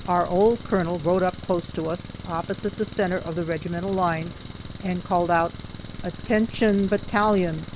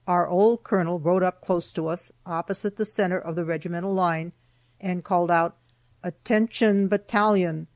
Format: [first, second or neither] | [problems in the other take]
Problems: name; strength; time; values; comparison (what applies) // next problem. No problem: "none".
second | background sound (Motor vehicle (road) + Engine); 12 dB below the speech